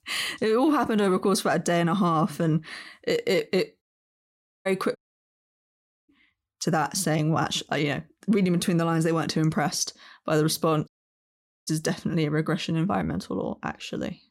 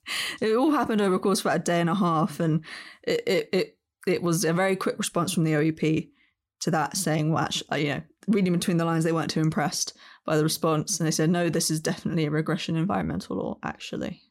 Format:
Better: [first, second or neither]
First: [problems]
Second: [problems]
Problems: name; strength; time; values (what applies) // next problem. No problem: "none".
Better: second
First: audio cutting out; at 4 s for 1 s, at 5 s for 1 s and at 11 s for 1 s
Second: none